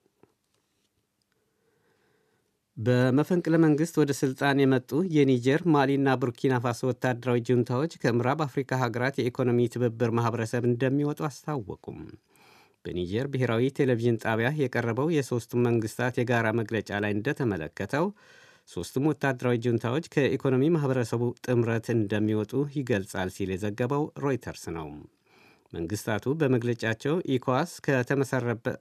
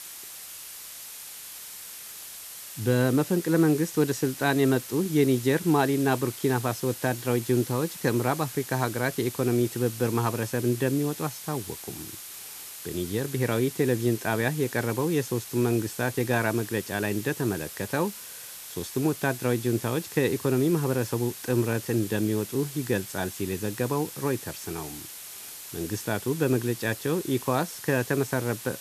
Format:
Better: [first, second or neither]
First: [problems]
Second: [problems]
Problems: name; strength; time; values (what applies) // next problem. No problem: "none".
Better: first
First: none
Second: hiss; noticeable; throughout; 10 dB below the speech